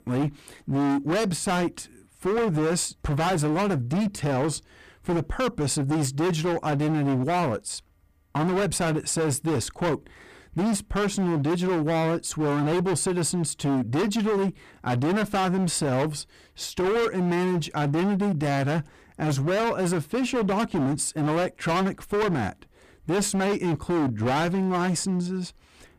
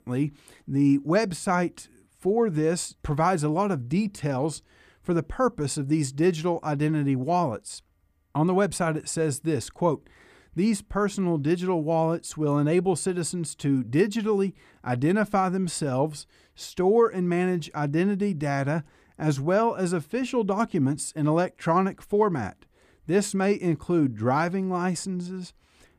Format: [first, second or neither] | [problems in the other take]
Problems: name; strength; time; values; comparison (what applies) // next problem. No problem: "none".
second | distortion; heavy; 27% of the sound clipped